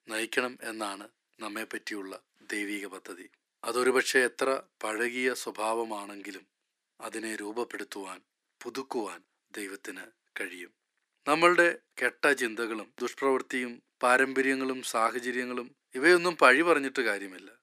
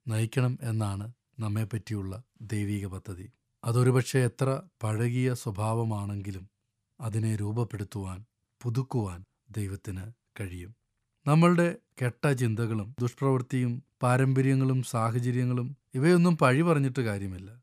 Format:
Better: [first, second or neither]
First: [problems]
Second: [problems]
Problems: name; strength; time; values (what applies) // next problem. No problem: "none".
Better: second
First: thin; very; fading below 300 Hz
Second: none